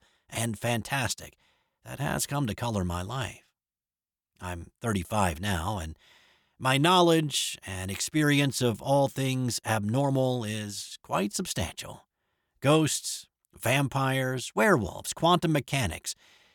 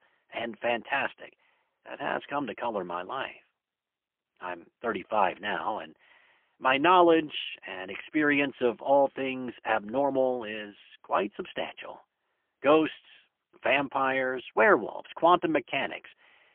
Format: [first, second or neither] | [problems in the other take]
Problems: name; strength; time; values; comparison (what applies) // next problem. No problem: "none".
first | phone-call audio; poor line; nothing above 3 kHz